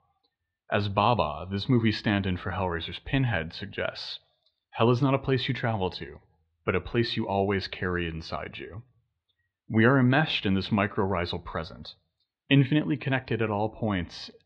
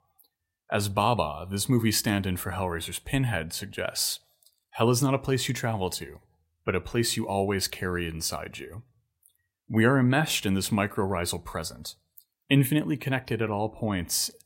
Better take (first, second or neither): second